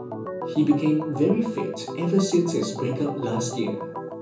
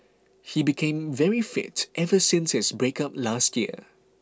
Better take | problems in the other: second | background sound (Organ); 8 dB below the speech // room echo; dies away in 1.2 s

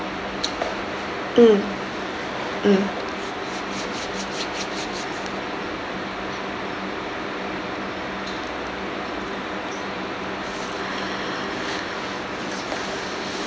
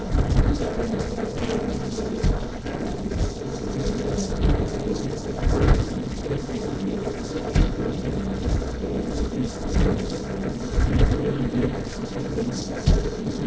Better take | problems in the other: first | noise reduction (neural separator model SepFormer DNS4)

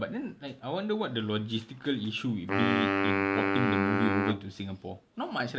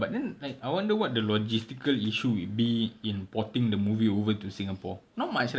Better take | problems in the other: second | background sound (Wind instrument, woodwind instrument); 2 dB above the speech

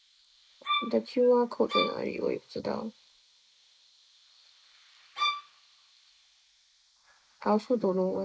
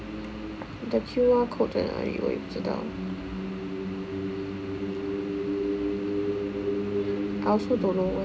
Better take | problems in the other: second | noise reduction (neural mask model Resemble Enhance denoiser)

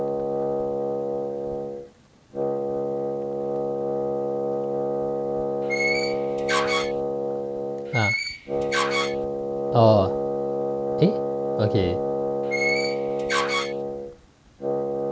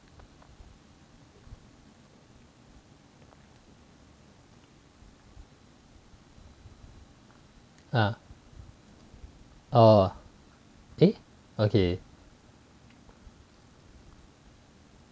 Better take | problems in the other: second | background sound (Door + Wind instrument, woodwind instrument); 5 dB above the speech

